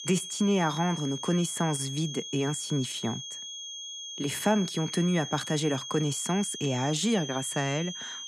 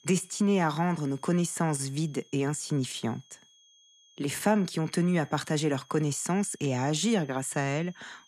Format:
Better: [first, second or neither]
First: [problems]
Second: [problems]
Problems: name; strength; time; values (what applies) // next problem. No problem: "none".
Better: second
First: high-pitched whine; loud; throughout; 3.5 kHz, 8 dB below the speech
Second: high-pitched whine; faint; throughout; 3.5 kHz, 30 dB below the speech